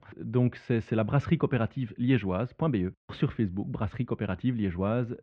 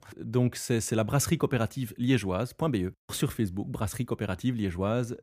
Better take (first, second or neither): second